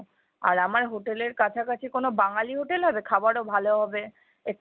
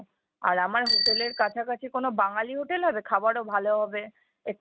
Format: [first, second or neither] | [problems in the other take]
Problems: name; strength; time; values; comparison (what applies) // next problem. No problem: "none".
first | noise reduction (neural mask model RNNoise)